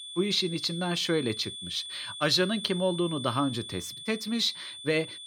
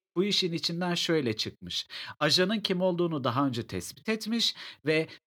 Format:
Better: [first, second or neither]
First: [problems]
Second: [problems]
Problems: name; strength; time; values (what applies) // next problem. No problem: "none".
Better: second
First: high-pitched whine; loud; throughout; 3.5 kHz, 9 dB below the speech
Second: none